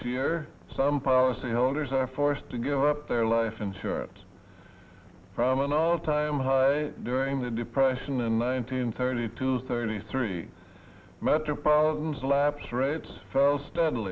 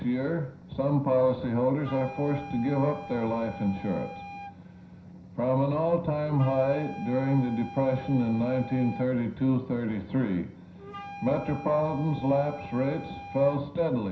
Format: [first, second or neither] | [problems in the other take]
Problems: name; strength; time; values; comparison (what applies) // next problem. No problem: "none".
first | background sound (Wind instrument, woodwind instrument); 16 dB below the speech // room echo; dies away in 0.5 s